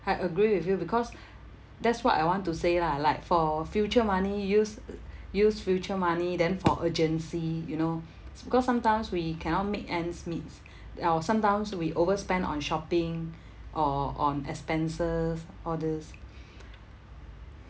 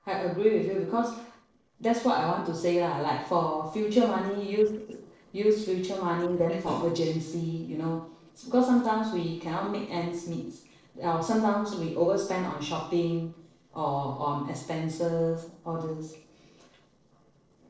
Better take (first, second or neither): first